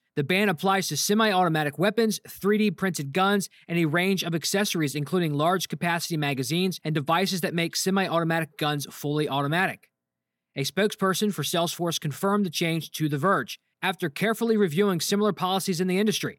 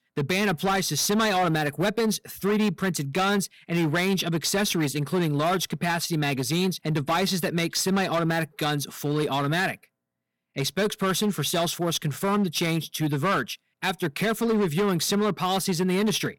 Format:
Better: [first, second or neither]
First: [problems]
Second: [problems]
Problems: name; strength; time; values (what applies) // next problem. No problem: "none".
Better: first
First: none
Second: distortion; slight; 14% of the sound clipped